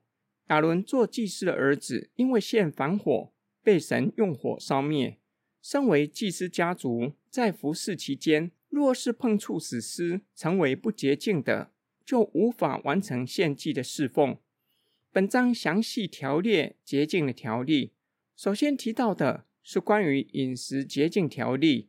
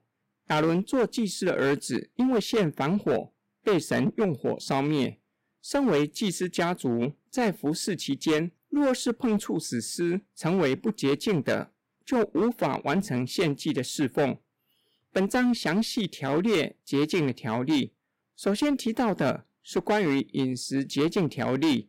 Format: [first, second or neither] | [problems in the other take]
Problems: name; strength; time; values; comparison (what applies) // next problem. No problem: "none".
first | distortion; slight; 10% of the sound clipped